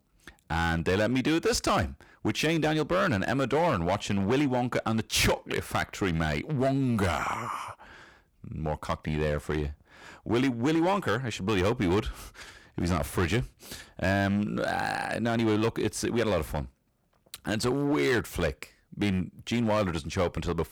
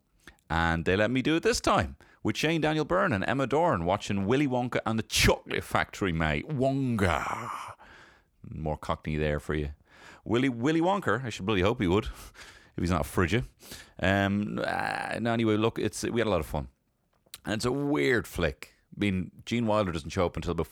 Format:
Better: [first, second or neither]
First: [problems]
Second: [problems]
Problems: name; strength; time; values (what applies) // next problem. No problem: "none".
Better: second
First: distortion; slight; 8% of the sound clipped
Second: none